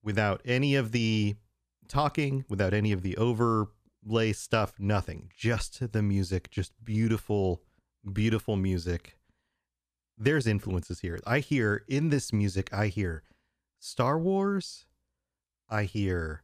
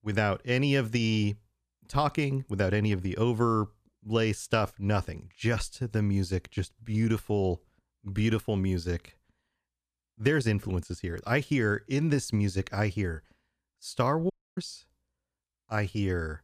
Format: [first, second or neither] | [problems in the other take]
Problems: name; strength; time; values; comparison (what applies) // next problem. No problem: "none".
first | audio cutting out; at 14 s